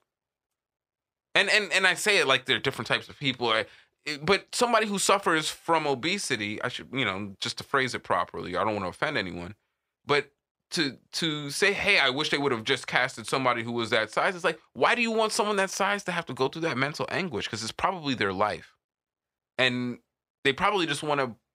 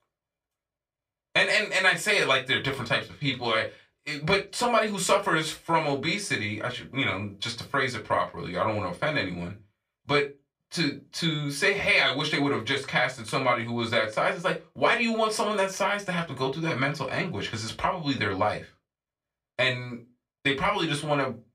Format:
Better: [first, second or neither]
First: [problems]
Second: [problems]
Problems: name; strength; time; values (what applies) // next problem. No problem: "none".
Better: first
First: none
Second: off-mic speech; far // room echo; very slight; dies away in 0.2 s